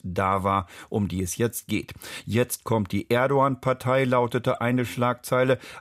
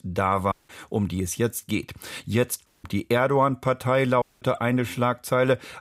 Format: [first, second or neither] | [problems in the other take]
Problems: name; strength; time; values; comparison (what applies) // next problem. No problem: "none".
first | audio cutting out; at 0.5 s, at 2.5 s and at 4 s